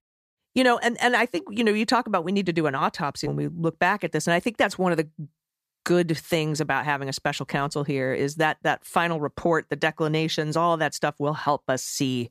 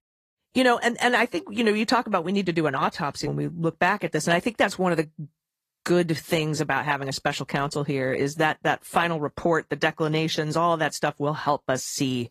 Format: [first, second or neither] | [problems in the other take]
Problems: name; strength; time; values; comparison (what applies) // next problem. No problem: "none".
first | garbled, watery; slightly; nothing above 14.5 kHz